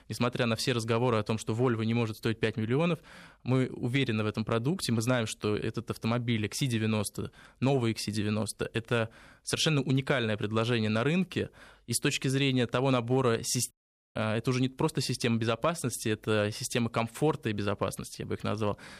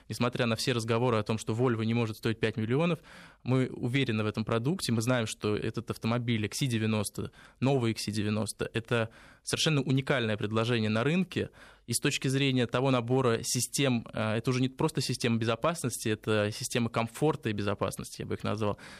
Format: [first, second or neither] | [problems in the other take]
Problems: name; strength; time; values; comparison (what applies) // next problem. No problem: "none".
second | audio cutting out; at 14 s